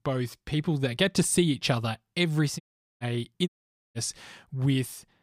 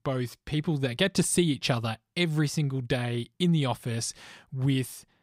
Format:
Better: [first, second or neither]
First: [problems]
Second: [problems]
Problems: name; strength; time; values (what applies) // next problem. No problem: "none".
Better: second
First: audio cutting out; at 2.5 s and at 3.5 s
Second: none